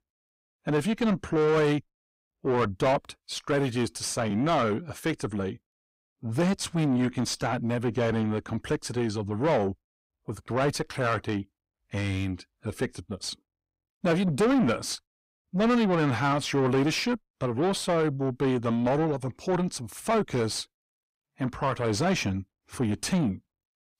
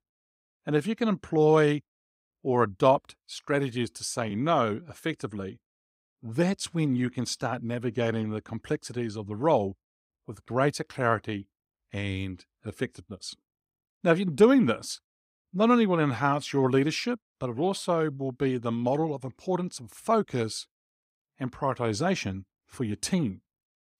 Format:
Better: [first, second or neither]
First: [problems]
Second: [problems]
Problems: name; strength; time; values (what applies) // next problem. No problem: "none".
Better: second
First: distortion; heavy; 6 dB below the speech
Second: none